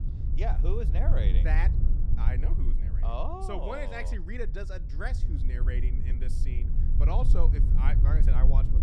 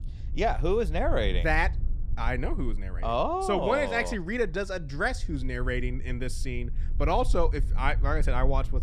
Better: second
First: low rumble; loud; throughout; 7 dB below the speech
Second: low rumble; faint; throughout; 25 dB below the speech

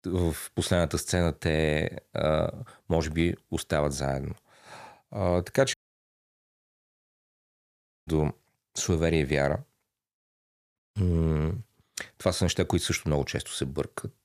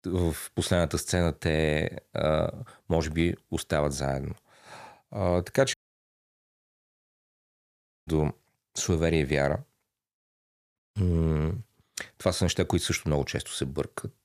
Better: neither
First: audio cutting out; at 5.5 s for 2.5 s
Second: audio cutting out; at 5.5 s for 2.5 s

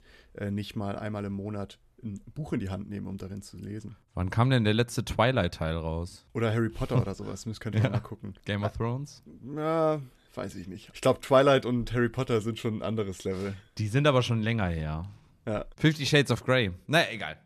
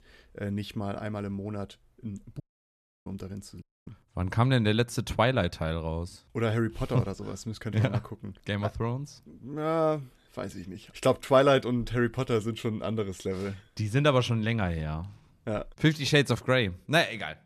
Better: first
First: none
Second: audio cutting out; at 2.5 s for 0.5 s and at 3.5 s

